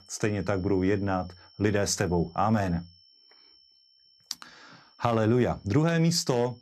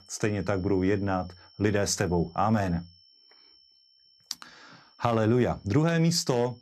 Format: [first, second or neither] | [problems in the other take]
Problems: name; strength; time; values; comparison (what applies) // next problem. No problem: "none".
neither | high-pitched whine; faint; throughout; 5.5 kHz, 30 dB below the speech; the same in both